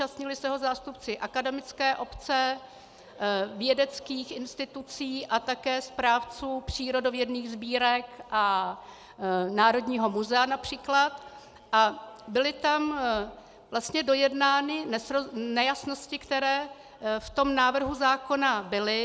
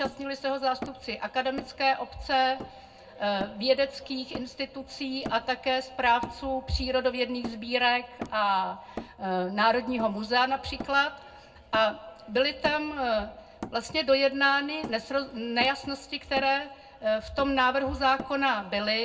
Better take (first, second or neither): first